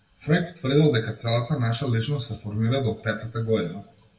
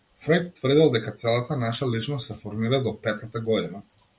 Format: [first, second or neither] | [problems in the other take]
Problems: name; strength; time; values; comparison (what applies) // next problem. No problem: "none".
second | room echo; dies away in 0.5 s